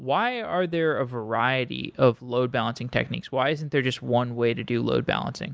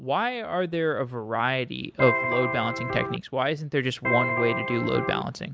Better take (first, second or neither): first